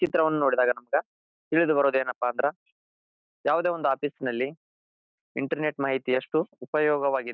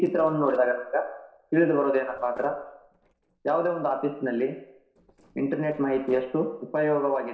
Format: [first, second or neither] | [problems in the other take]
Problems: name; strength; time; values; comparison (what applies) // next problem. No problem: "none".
first | noise reduction (neural separator model SepFormer DNS4)